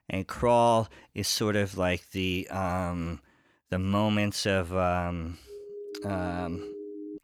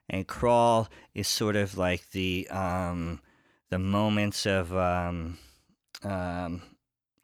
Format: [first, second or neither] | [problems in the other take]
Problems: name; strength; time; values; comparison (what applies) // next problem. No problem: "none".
second | siren; faint; from 5.5 s on; peak 10 dB below the speech